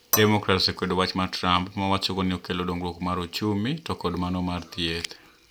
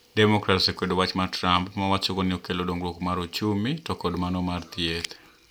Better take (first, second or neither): second